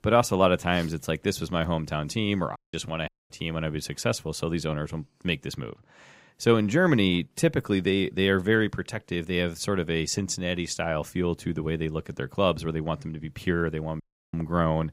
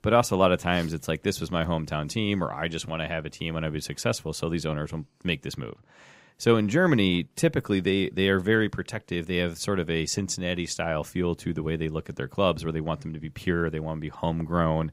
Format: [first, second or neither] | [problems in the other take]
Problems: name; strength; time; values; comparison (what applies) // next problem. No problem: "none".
second | audio cutting out; at 2.5 s, at 3 s and at 14 s